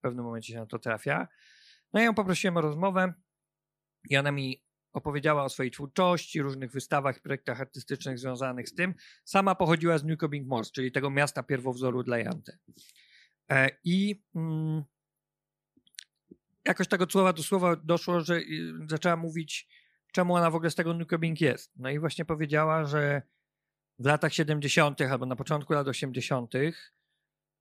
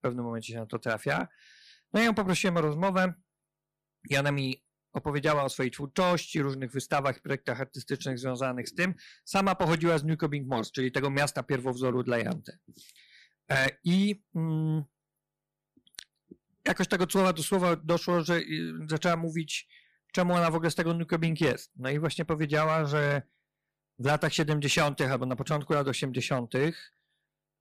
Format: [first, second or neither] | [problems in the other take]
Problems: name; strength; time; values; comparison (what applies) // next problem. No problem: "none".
first | distortion; slight; 4% of the sound clipped